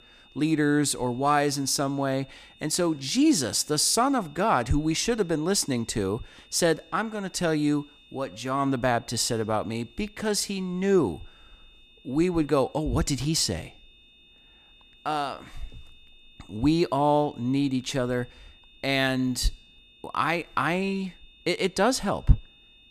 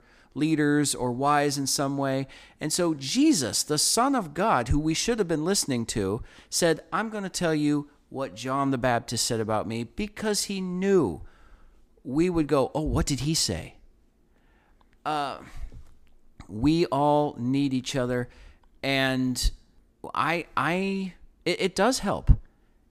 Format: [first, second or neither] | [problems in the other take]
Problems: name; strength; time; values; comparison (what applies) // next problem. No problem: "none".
second | high-pitched whine; faint; throughout; 3.5 kHz, 25 dB below the speech